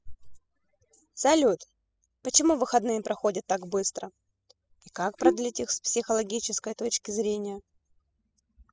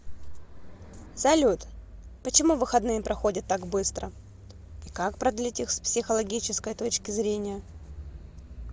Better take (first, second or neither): second